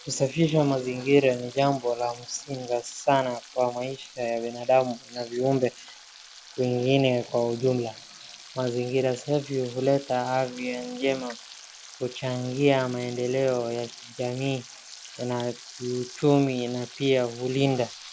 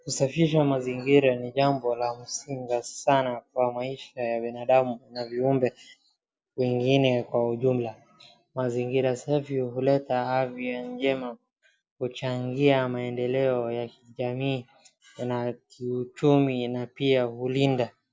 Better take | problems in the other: second | background sound (Frying (food)); 19 dB below the speech

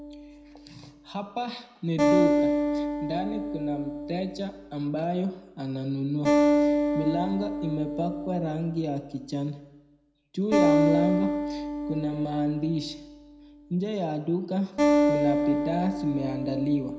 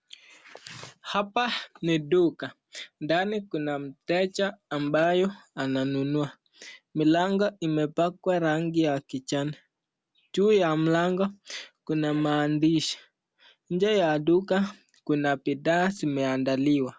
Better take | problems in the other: second | background sound (Acoustic guitar); 3 dB above the speech // room echo; dies away in 0.7 s

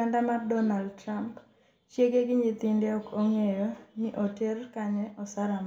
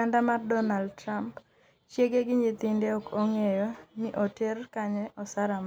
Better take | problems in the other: second | room echo; dies away in 0.4 s

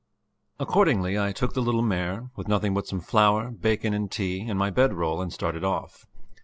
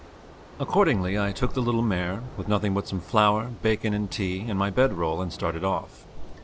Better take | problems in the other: first | background sound (Thunder / Rain); 17 dB below the speech

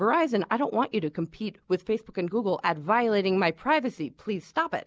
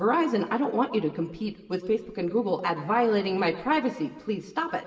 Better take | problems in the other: first | room echo; dies away in 1 s

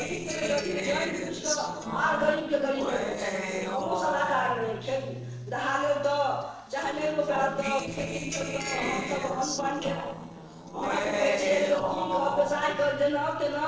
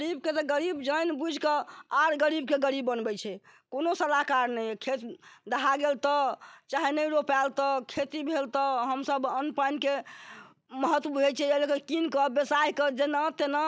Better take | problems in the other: second | noise reduction (neural separator model SepFormer DNS4)

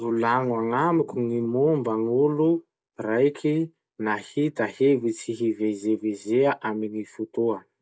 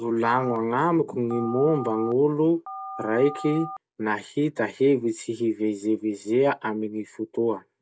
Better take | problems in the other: first | background sound (Telephone); 13 dB below the speech

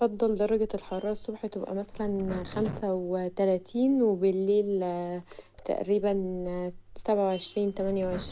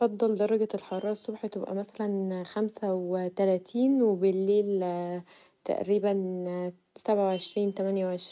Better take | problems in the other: second | background sound (Zipper (clothing)); 15 dB below the speech

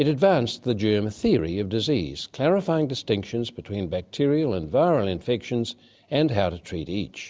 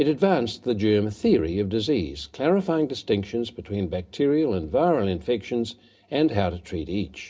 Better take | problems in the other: first | room echo; dies away in 0.3 s

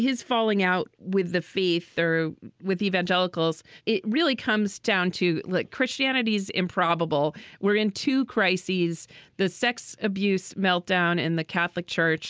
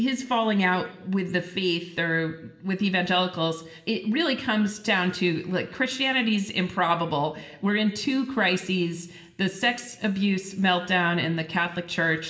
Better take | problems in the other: first | room echo; dies away in 0.8 s

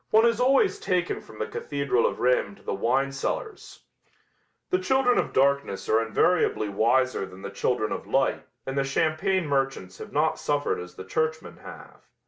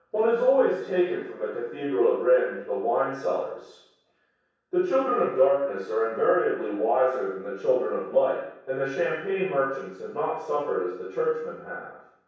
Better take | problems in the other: first | room echo; dies away in 0.7 s

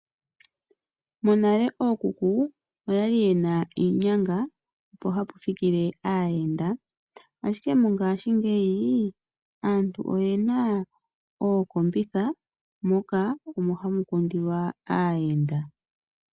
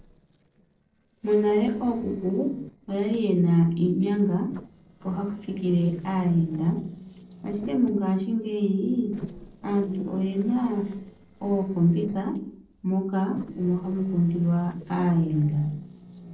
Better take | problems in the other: first | noise reduction (neural separator model SepFormer DNS4)

